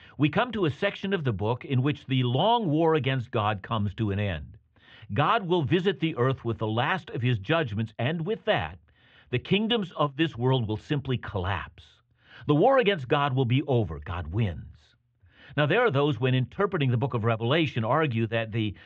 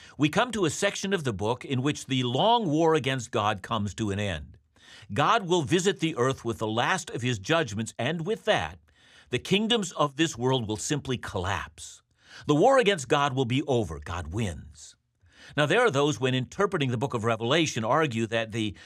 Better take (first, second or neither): second